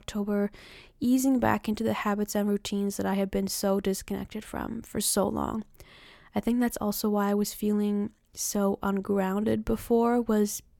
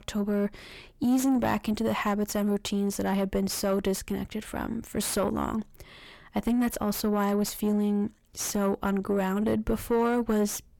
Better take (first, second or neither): first